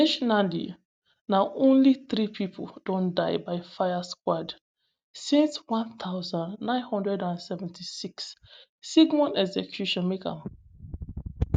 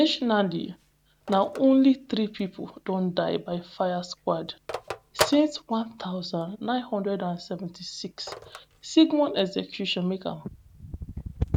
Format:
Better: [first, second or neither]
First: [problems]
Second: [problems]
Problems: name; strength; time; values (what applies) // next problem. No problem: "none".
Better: first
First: none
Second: background sound (Telephone); 14 dB below the speech